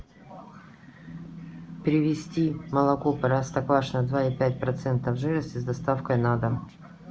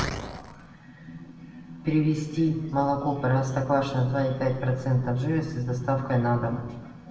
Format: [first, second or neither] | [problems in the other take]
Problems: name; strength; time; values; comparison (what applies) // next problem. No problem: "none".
first | room echo; dies away in 0.9 s